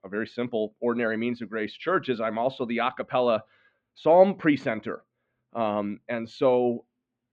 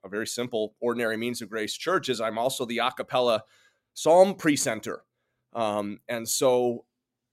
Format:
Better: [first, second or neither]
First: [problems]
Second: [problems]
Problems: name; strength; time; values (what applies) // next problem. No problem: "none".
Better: second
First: muffled; very; fading above 3 kHz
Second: none